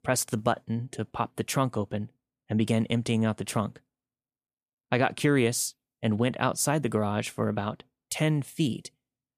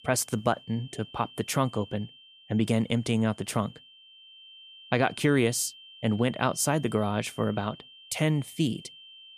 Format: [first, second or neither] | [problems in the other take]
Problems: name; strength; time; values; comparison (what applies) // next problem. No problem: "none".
first | high-pitched whine; faint; throughout; 3 kHz, 20 dB below the speech